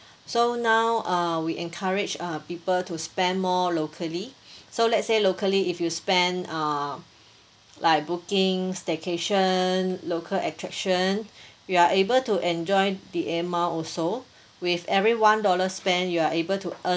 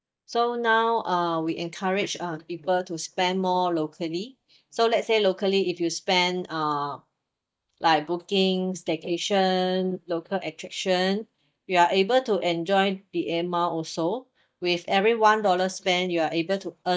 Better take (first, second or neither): first